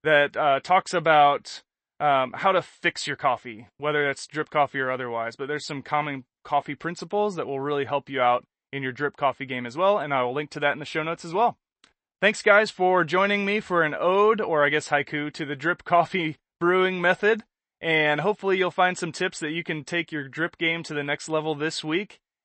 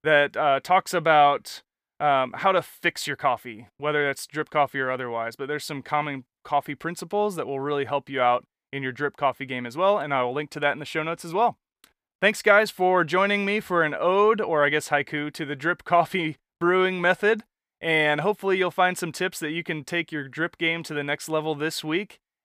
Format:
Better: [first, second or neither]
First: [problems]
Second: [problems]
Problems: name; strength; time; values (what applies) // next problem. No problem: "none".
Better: second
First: garbled, watery; slightly; nothing above 8 kHz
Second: none